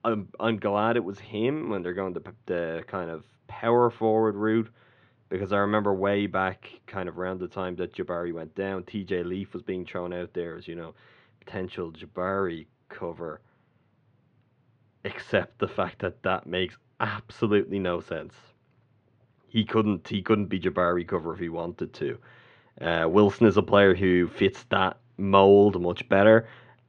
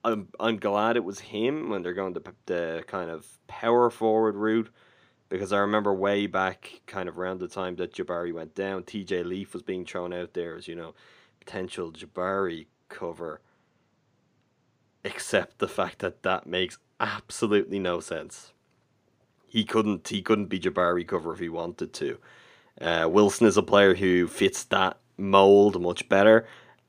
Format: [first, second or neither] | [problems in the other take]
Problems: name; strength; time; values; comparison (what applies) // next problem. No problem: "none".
second | muffled; slightly; fading above 3.5 kHz